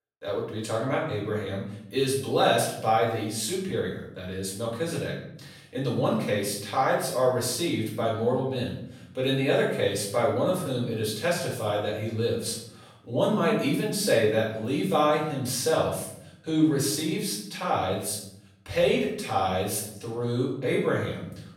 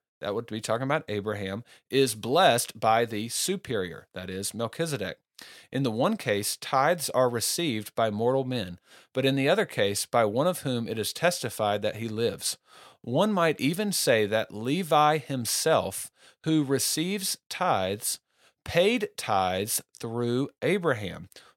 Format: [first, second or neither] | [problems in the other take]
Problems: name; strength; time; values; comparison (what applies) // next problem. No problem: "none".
second | off-mic speech; far // room echo; noticeable; dies away in 0.7 s